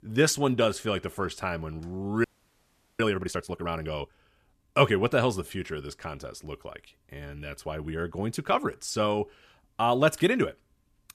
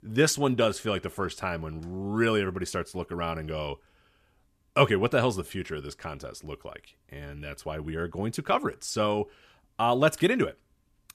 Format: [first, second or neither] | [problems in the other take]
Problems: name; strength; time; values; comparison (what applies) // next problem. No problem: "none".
second | audio freezing; at 2 s for 1 s